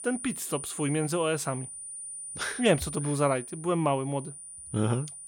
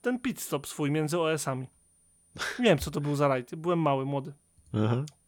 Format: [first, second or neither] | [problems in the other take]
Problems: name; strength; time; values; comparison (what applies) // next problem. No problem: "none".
second | high-pitched whine; loud; throughout; 9.5 kHz, 9 dB below the speech; faint in the second